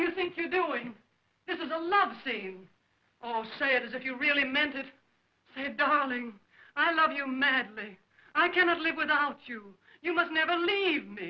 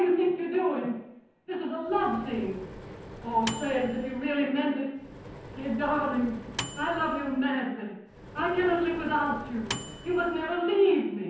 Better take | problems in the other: first | background sound (Microwave oven); 12 dB below the speech // room echo; dies away in 0.9 s

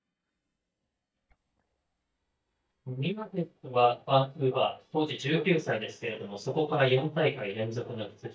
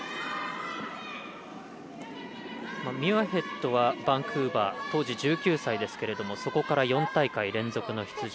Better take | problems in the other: second | noise reduction (neural mask model DeepFilterNet 3)

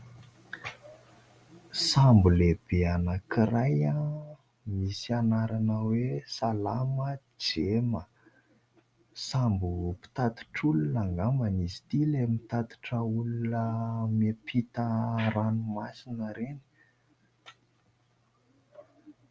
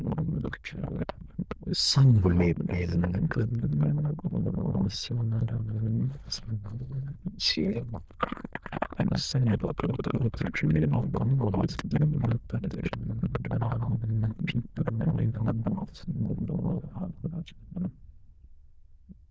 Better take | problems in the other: first | noise reduction (neural diffusion model UNIVERSE++)

